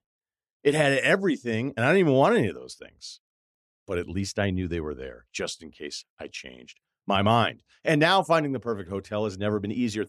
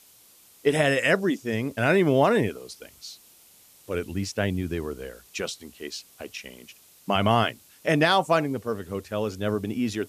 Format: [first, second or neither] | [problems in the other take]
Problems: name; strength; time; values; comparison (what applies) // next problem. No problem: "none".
first | hiss; faint; throughout; 25 dB below the speech